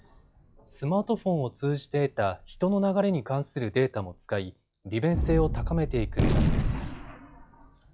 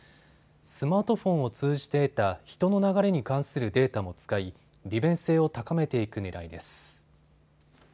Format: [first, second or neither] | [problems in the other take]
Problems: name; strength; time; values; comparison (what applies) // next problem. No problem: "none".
second | noise reduction (classical method log-MMSE)